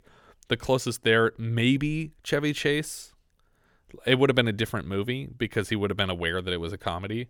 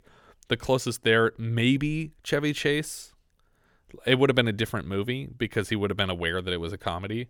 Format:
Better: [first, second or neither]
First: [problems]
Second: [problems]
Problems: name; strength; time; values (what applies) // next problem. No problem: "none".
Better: neither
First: none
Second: none